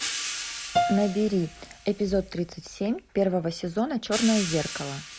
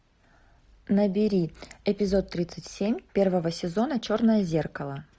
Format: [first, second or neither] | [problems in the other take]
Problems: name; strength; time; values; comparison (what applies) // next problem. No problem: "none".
second | background sound (Hi-hat + Piano); 6 dB below the speech